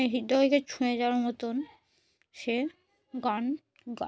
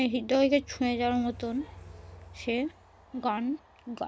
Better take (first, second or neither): first